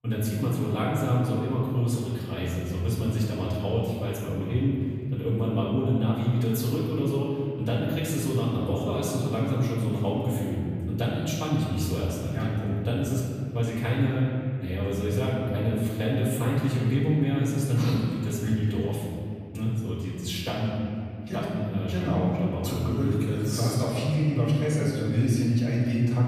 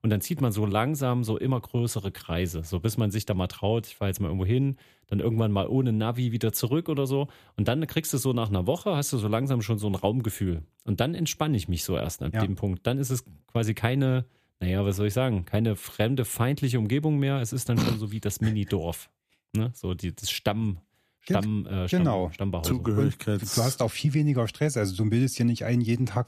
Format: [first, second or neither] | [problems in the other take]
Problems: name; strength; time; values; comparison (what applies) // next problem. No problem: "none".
second | off-mic speech; far // room echo; noticeable; dies away in 2.3 s